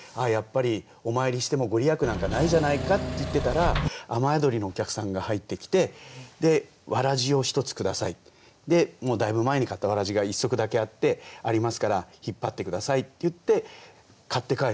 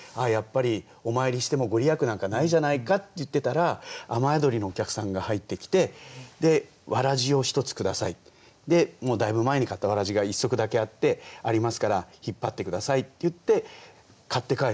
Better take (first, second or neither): second